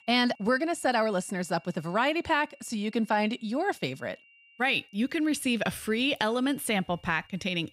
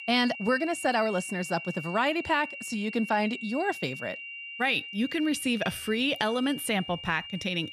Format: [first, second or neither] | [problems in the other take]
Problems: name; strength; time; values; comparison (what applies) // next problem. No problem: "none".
first | high-pitched whine; loud; throughout; 3 kHz, 10 dB below the speech; faint in the first